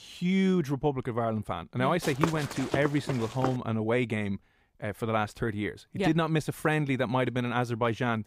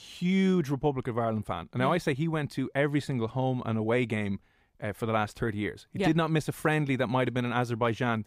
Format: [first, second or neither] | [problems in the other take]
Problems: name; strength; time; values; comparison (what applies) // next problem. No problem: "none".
second | footsteps; noticeable; from 2 to 3.5 s; peak 3 dB below the speech